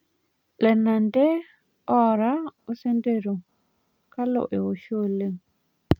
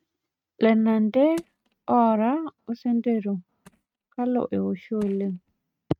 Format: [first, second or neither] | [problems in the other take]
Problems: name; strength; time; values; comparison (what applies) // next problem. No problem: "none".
first | noise reduction (neural mask model RNNoise)